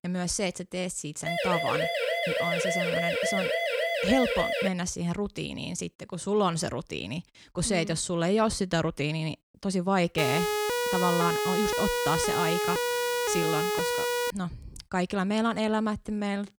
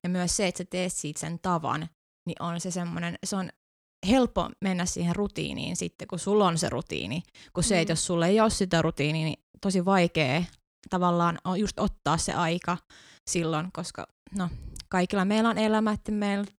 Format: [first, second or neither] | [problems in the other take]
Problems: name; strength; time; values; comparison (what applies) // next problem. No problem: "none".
second | siren; loud; from 1.5 to 4.5 s and from 10 to 14 s; peak 3 dB above the speech